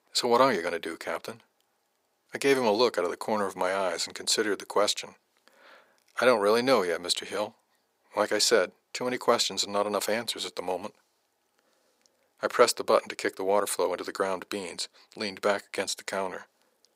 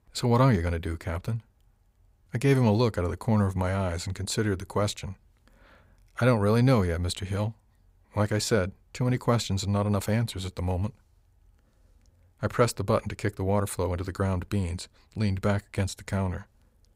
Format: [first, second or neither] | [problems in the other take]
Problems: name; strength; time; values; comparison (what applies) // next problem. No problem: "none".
second | thin; very; fading below 350 Hz